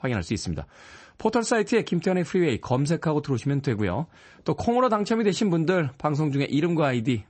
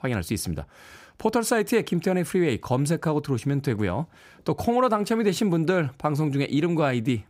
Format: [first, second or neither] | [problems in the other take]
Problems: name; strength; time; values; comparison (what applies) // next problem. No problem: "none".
second | garbled, watery; slightly; nothing above 8 kHz